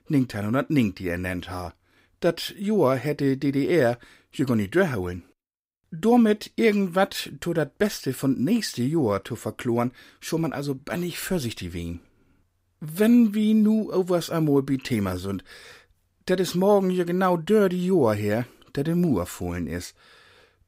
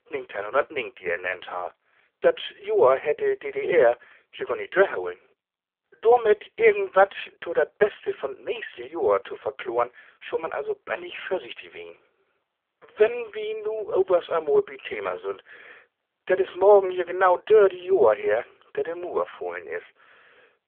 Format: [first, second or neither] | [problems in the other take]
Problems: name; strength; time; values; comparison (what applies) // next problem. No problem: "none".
first | phone-call audio; poor line; nothing above 3.5 kHz